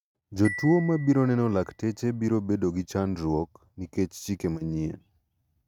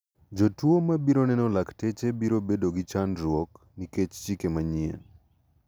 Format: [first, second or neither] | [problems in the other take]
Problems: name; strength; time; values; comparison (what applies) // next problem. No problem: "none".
second | noise reduction (neural mask model RNNoise)